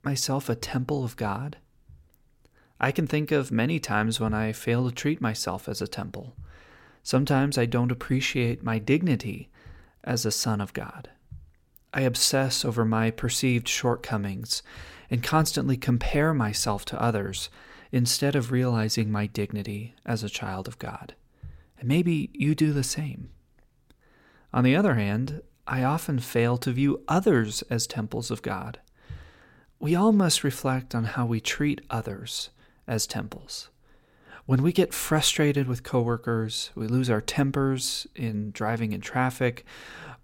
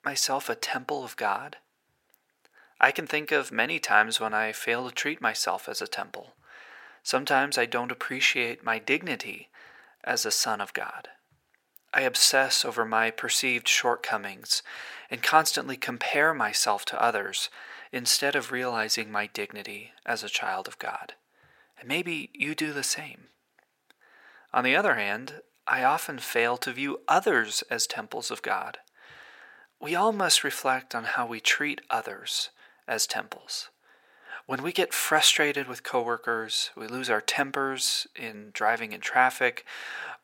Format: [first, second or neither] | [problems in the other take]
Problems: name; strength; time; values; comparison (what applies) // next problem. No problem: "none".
first | thin; very; fading below 500 Hz